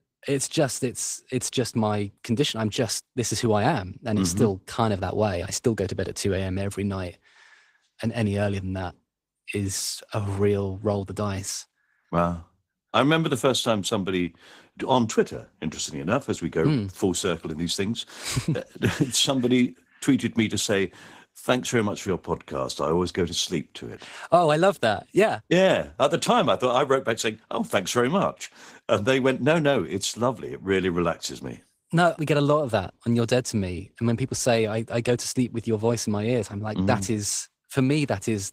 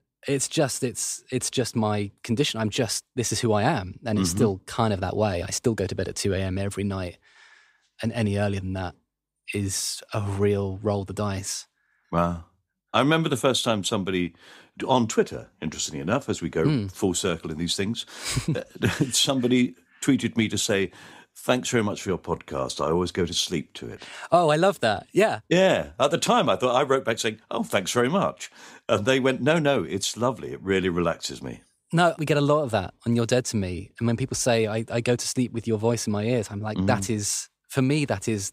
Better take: second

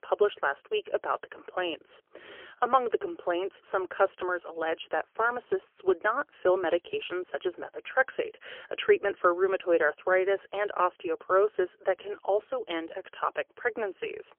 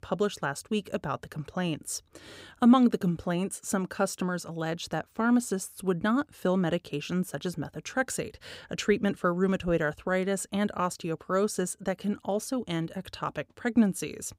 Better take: second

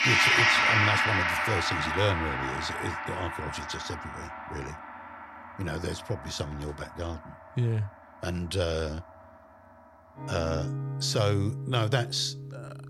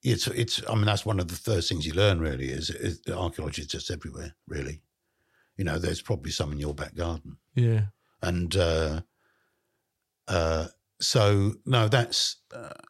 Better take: second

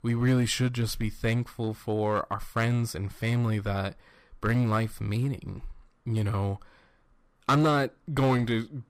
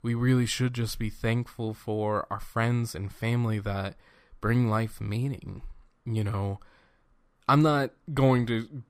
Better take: second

